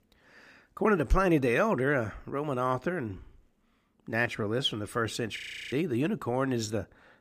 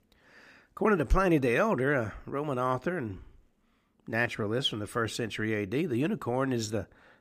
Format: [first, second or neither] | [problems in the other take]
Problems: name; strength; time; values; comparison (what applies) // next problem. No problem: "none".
second | audio freezing; at 5.5 s